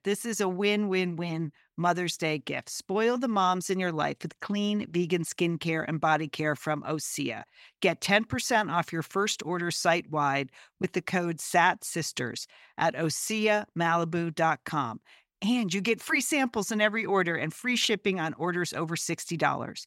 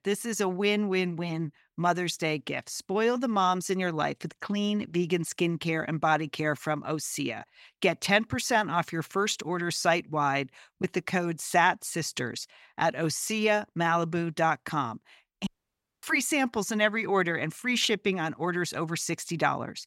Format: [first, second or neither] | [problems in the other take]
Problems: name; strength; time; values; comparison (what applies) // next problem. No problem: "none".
first | audio cutting out; at 15 s for 0.5 s